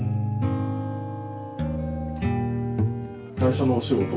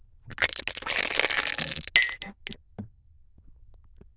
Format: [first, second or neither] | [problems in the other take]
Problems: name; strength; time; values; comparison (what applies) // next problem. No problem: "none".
first | noise reduction (neural diffusion model UNIVERSE++)